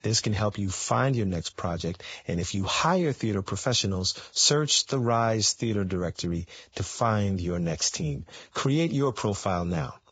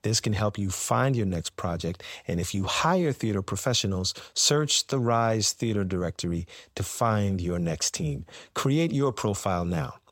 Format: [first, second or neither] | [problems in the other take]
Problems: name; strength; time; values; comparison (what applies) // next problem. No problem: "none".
second | garbled, watery; badly; nothing above 7.5 kHz